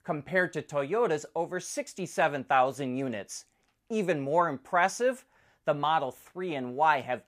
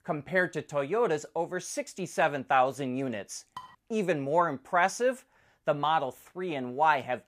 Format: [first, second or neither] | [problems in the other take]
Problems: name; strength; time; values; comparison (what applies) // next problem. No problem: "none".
first | clattering dishes; faint; at 3.5 s; peak 20 dB below the speech